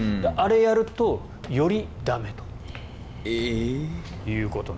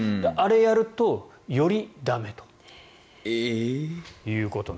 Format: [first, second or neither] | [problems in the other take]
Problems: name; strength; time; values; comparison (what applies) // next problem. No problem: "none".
second | background sound (Walk, footsteps); 11 dB below the speech